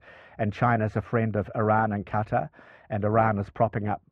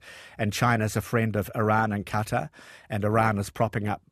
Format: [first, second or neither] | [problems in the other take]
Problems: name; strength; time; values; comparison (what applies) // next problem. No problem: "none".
second | muffled; very; fading above 1.5 kHz